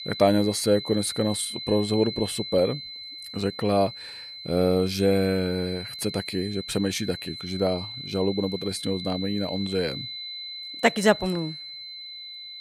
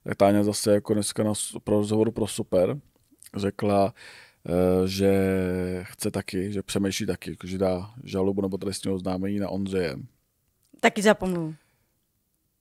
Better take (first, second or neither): second